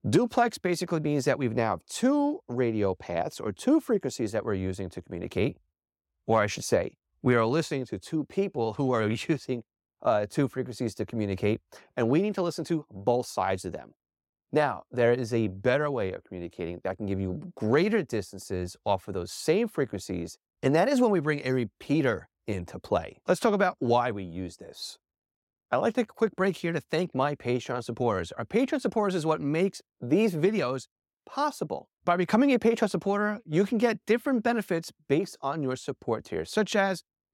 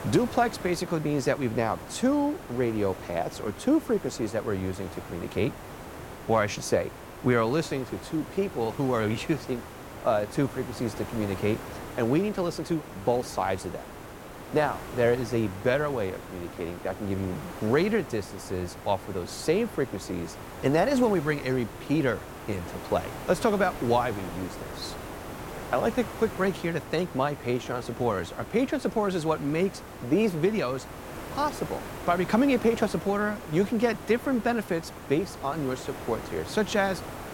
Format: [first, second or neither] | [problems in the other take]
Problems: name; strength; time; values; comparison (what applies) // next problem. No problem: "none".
first | hiss; noticeable; throughout; 10 dB below the speech